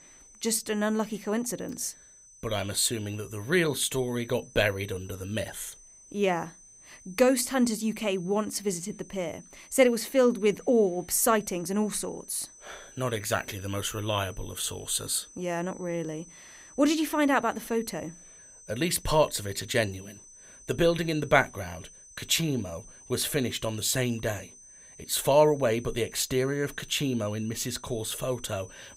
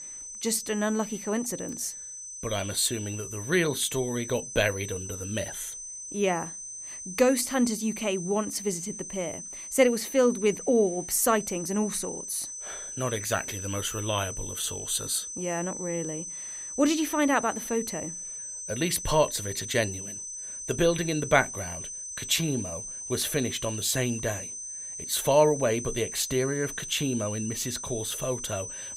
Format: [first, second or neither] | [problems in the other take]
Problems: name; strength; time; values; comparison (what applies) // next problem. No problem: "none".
first | high-pitched whine; loud; throughout; 6 kHz, 8 dB below the speech; faint in the first